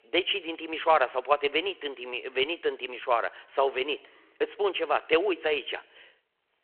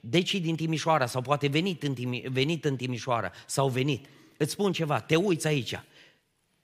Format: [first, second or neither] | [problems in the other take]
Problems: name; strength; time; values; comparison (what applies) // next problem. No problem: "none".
second | phone-call audio